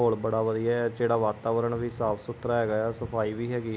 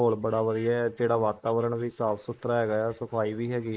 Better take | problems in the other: first | noise reduction (neural mask model Resemble Enhance denoiser)

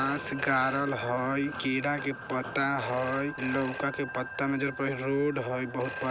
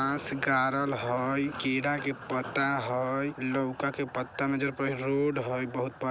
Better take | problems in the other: second | background sound (Telephone); 11 dB below the speech

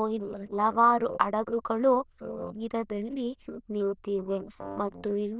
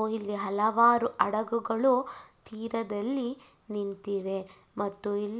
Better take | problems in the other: second | noise reduction (neural diffusion model UNIVERSE++)

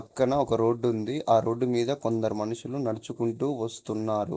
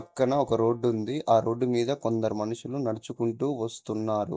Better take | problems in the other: first | noise reduction (neural mask model DeepFilterNet 3)

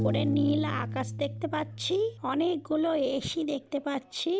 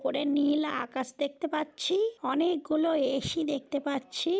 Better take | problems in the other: second | background sound (Piano); 7 dB below the speech

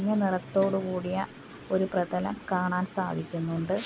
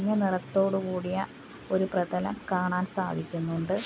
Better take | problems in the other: second | background sound (Guitar); 20 dB below the speech

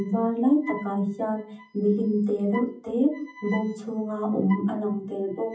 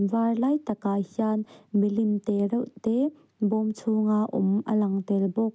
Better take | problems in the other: second | noise reduction (classical method WPE with log-MMSE)

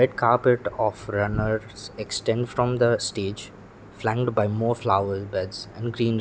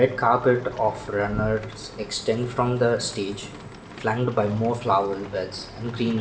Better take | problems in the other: first | background sound (Rain); 18 dB below the speech // room echo; dies away in 0.6 s

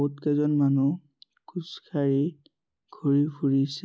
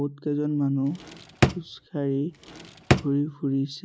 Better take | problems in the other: first | background sound (Drawer open or close); 1 dB above the speech

